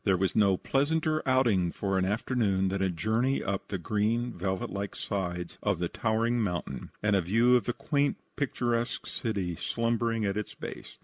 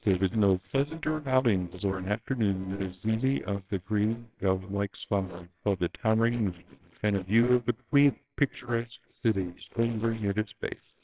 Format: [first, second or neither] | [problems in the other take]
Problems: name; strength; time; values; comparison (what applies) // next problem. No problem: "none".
first | noise reduction (neural separator model SepFormer WHAMR!)